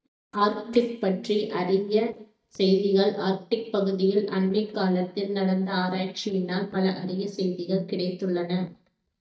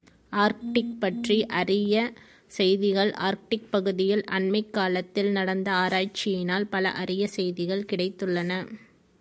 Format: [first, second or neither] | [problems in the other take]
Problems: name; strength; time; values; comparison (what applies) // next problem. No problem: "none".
second | noise reduction (neural mask model DeepFilterNet 3)